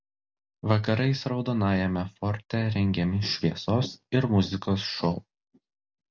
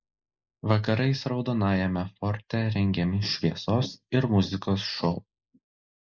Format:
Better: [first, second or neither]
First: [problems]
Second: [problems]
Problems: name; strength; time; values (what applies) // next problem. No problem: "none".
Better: first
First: none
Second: noise reduction (neural mask model Resemble Enhance denoiser)